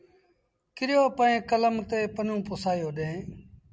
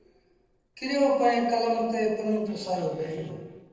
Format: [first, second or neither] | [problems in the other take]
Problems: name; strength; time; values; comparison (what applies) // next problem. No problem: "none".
first | noise reduction (neural separator model SepFormer DNS4)